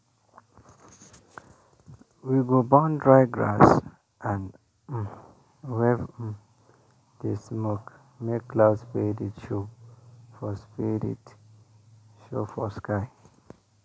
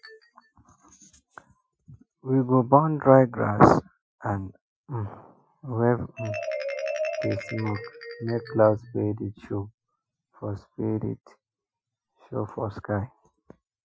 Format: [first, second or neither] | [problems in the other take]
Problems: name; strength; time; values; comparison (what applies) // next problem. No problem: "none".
first | noise reduction (classical method Wiener filter)